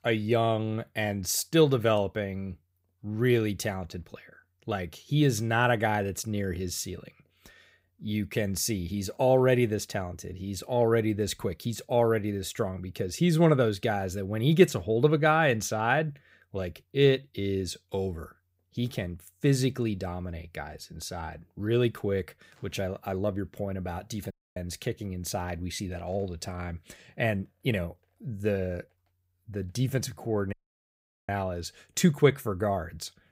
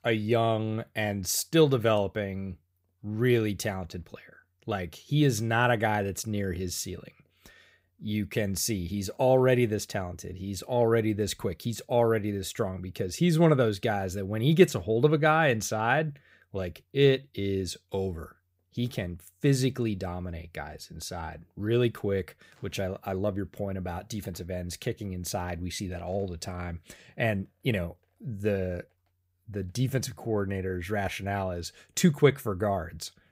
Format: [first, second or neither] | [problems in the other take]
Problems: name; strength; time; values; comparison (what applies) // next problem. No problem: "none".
second | audio cutting out; at 24 s and at 31 s for 1 s